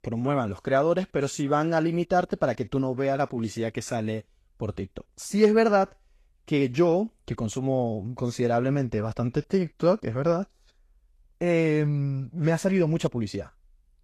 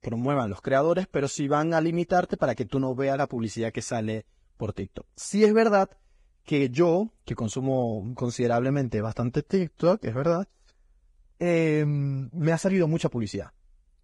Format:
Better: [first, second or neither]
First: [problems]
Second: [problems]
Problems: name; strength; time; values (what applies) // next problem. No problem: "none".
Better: first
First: garbled, watery; slightly; nothing above 12.5 kHz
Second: garbled, watery; badly; nothing above 10.5 kHz